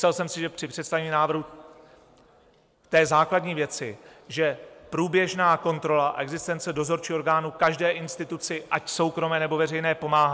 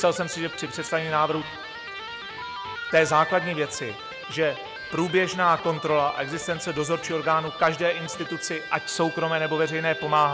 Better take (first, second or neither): first